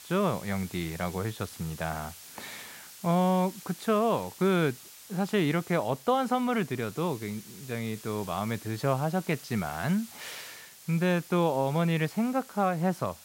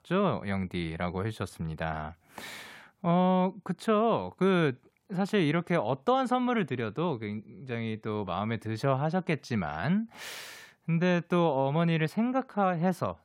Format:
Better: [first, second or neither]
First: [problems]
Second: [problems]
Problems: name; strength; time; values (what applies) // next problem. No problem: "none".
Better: second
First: hiss; noticeable; throughout; 15 dB below the speech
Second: none